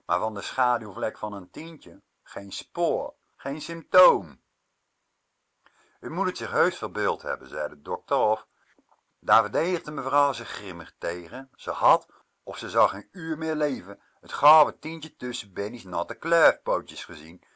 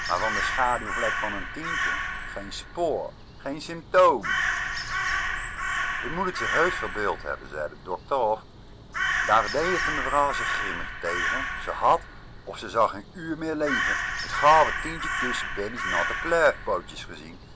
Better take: first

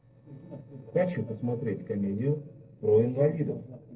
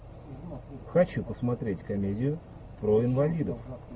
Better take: second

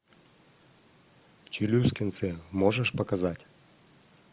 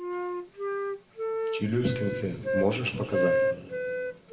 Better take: first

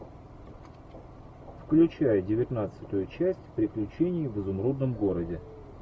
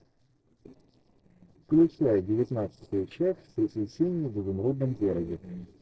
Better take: first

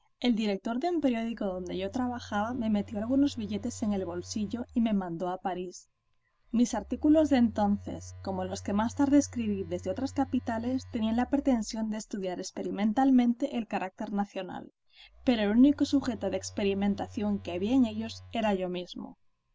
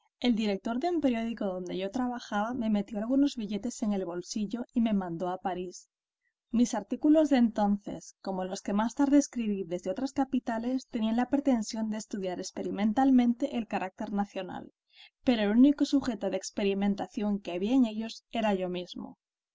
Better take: second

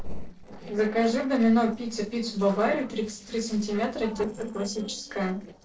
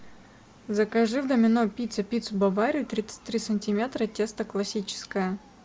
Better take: second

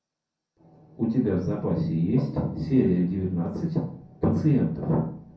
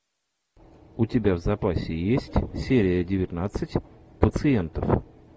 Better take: second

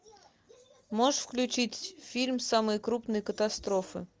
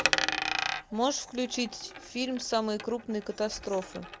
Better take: first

